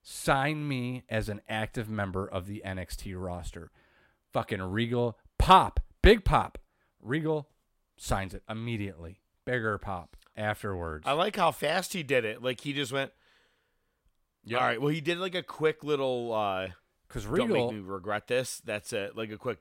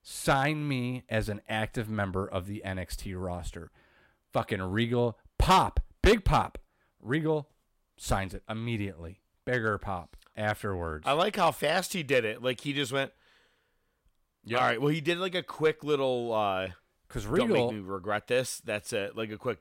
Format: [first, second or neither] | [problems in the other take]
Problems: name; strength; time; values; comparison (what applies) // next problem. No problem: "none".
first | distortion; slight; 0.9% of the sound clipped